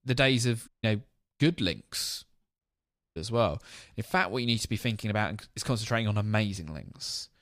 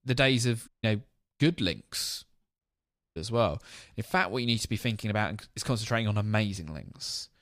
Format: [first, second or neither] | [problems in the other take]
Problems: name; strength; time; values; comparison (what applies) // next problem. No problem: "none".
neither | audio cutting out; at 0.5 s and at 2.5 s for 0.5 s; the same in both